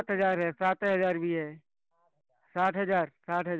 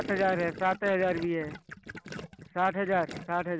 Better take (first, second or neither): first